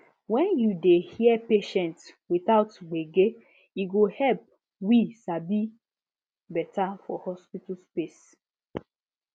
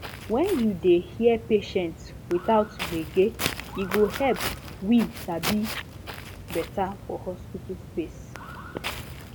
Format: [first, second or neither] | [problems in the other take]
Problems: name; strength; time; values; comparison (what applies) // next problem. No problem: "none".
first | background sound (Walk, footsteps); 9 dB below the speech